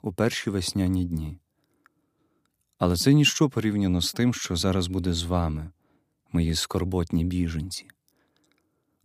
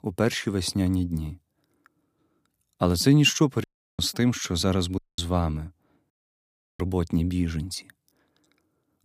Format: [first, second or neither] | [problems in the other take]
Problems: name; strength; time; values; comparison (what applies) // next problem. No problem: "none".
first | audio cutting out; at 3.5 s, at 5 s and at 6 s for 0.5 s